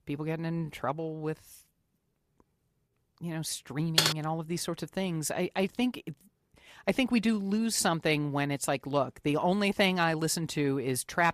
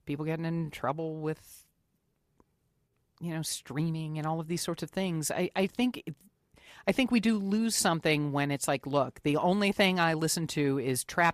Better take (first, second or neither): second